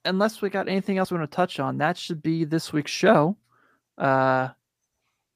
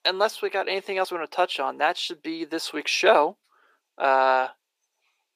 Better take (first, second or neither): first